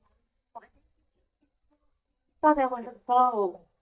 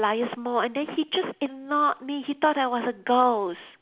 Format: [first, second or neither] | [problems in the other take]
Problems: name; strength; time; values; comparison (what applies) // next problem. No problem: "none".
second | noise reduction (neural mask model DeepFilterNet 3)